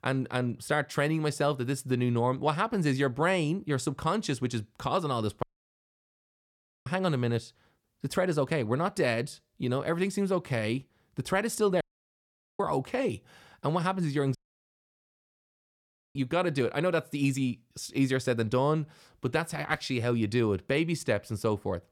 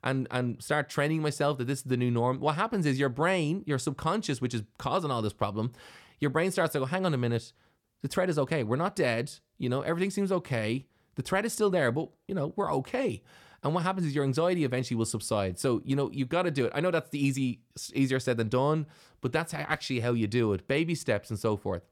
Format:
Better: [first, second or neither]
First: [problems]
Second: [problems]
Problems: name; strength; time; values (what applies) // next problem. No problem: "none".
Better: second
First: audio cutting out; at 5.5 s for 1.5 s, at 12 s for 1 s and at 14 s for 2 s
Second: none